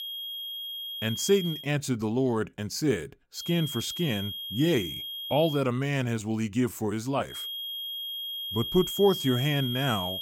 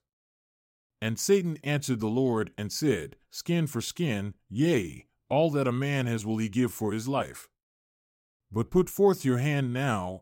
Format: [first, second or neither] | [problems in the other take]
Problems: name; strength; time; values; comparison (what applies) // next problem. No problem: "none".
second | high-pitched whine; loud; until 1.5 s, from 3.5 to 5.5 s and from 7.5 s on; 3.5 kHz, 5 dB below the speech